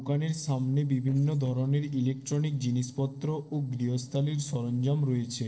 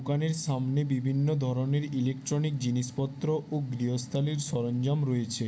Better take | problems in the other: second | noise reduction (neural separator model SepFormer DNS4)

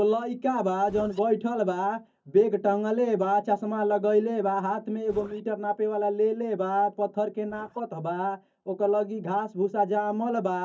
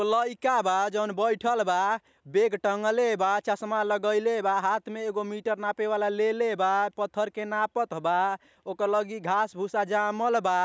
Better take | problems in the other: second | noise reduction (neural mask model DeepFilterNet 3)

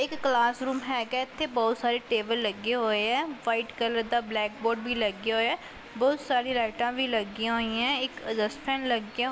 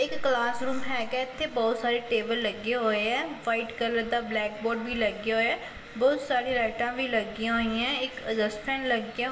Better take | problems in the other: first | room echo; dies away in 2.2 s

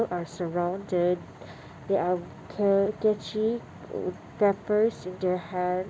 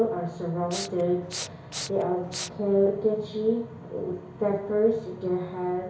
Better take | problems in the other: first | background sound (Respiratory sounds); 10 dB below the speech // room echo; dies away in 0.6 s

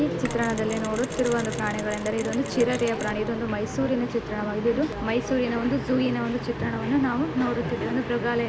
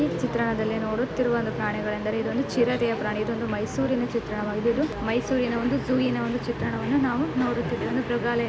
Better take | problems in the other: second | background sound (Mechanisms); 16 dB below the speech

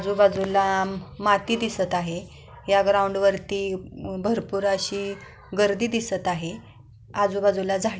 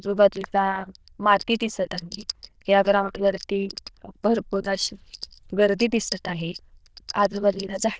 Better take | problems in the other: first | noise reduction (neural diffusion model UNIVERSE++)

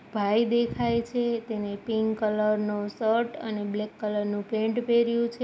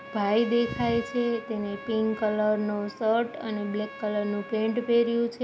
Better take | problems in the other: first | background sound (Trumpet); 16 dB below the speech

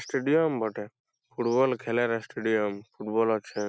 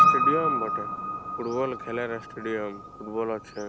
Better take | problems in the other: first | background sound (Piano); 5 dB above the speech

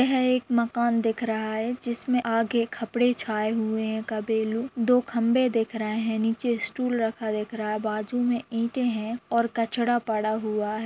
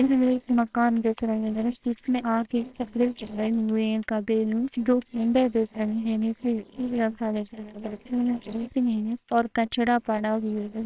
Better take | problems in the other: first | noise reduction (neural separator model SepFormer WHAMR!)

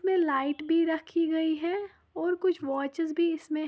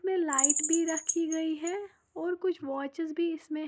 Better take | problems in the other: first | noise reduction (neural mask model Resemble Enhance denoiser)

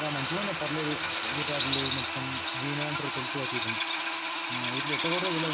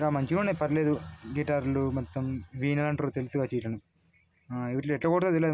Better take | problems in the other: second | background sound (Drill); 4 dB above the speech

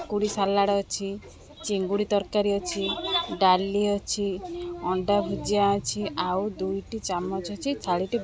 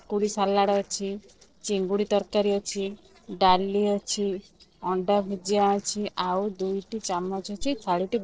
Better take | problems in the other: first | noise reduction (neural separator model SepFormer DNS4)

